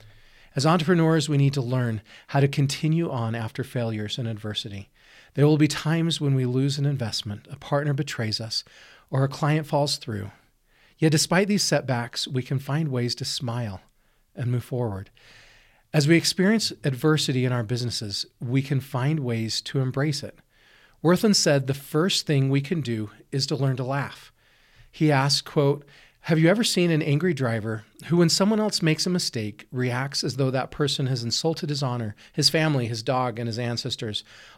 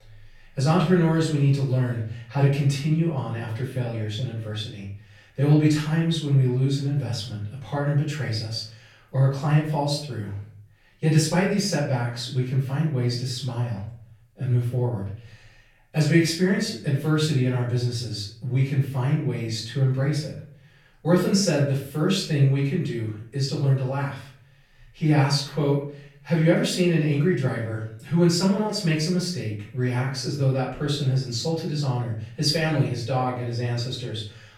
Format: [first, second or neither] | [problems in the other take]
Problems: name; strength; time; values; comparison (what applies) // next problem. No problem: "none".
first | off-mic speech; far // room echo; noticeable; dies away in 0.5 s